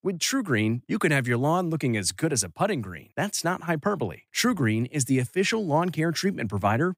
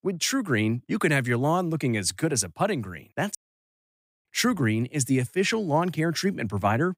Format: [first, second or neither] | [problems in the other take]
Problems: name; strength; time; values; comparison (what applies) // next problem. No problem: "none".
first | audio cutting out; at 3.5 s for 1 s